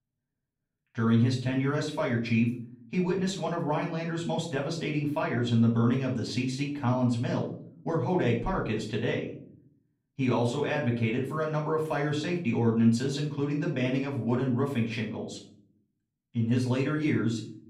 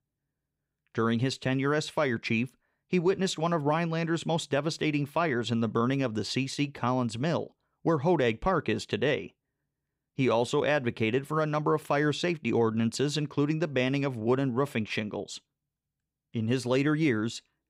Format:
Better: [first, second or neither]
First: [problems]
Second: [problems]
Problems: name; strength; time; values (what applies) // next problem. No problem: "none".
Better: second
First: room echo; slight; dies away in 0.5 s // off-mic speech; far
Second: none